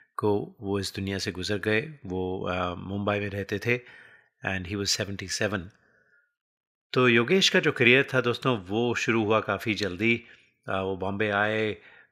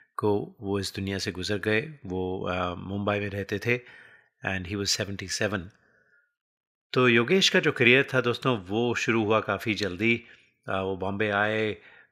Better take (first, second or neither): neither